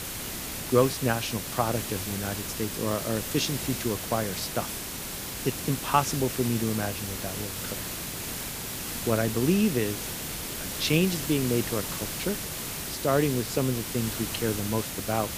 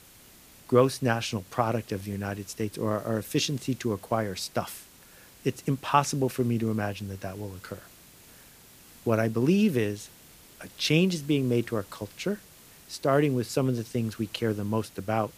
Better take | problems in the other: second | hiss; loud; throughout; 4 dB below the speech; faint in the second

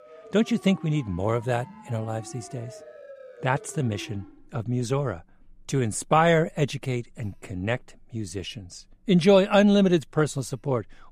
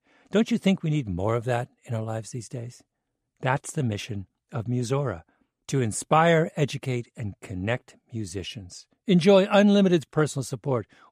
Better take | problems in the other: second | alarms or sirens; faint; throughout; 20 dB below the speech

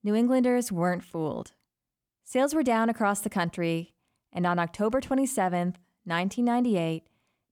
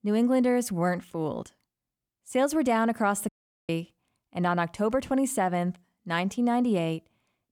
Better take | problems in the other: first | audio cutting out; at 3.5 s

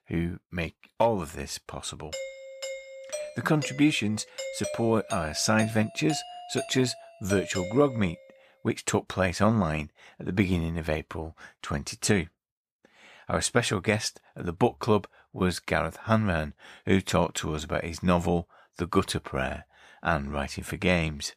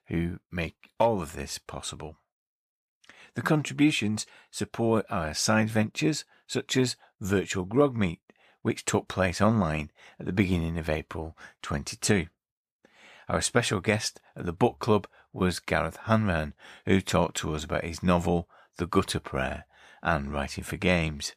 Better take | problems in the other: second | doorbell; noticeable; from 2 to 8 s; peak 7 dB below the speech

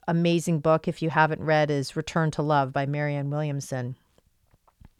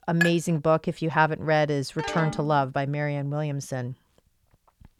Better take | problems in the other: first | clattering dishes; noticeable; at the start; peak 2 dB below the speech // phone ringing; noticeable; at 2 s; peak 7 dB below the speech

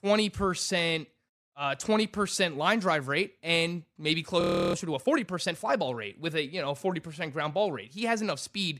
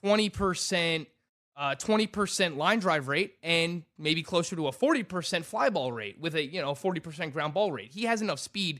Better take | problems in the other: second | audio freezing; at 4.5 s

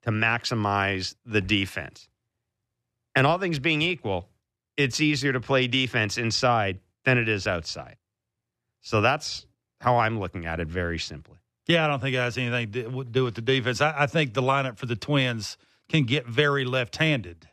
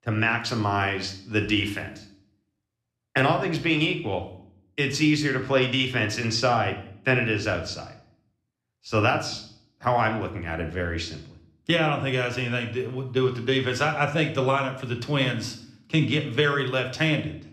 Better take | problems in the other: first | room echo; slight; dies away in 0.5 s

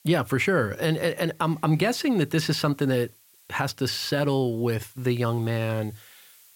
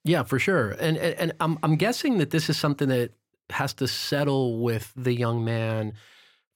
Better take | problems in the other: second | hiss; faint; throughout; 30 dB below the speech

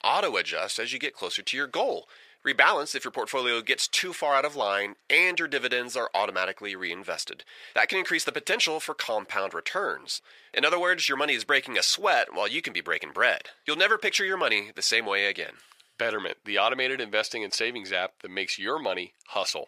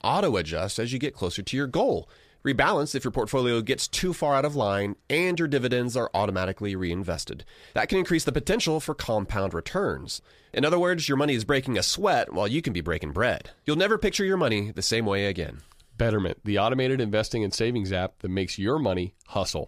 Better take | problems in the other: second | thin; very; fading below 500 Hz

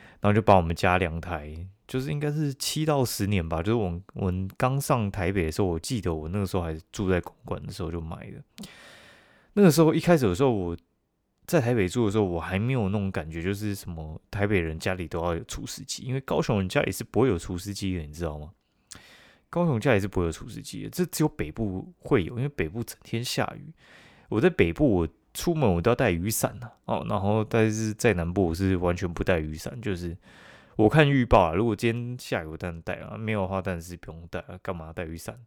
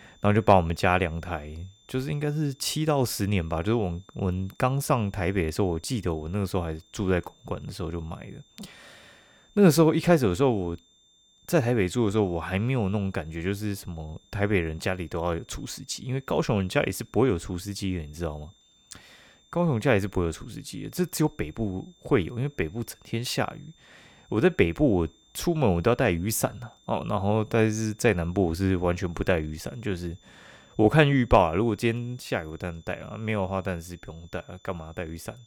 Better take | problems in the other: first | high-pitched whine; faint; throughout; 3.5 kHz, 30 dB below the speech

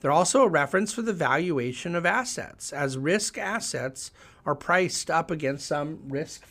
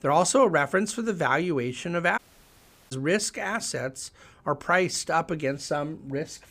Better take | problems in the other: first | audio cutting out; at 2 s for 0.5 s

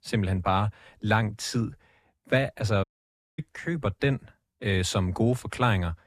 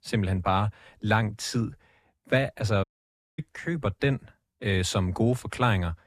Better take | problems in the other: neither | audio cutting out; at 3 s for 0.5 s; the same in both

